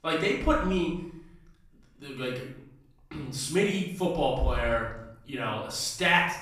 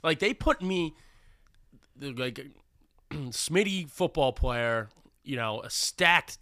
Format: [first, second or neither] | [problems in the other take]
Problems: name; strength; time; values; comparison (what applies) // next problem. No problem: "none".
second | off-mic speech; far // room echo; noticeable; dies away in 0.6 s